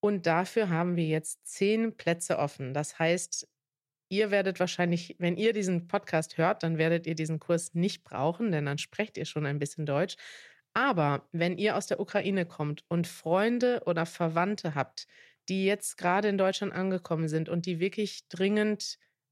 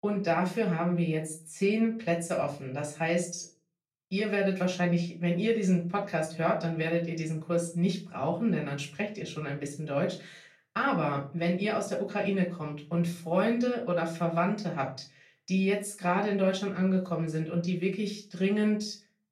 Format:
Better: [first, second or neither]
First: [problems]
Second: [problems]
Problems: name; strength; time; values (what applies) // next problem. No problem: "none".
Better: first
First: none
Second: room echo; slight; dies away in 0.3 s // off-mic speech; far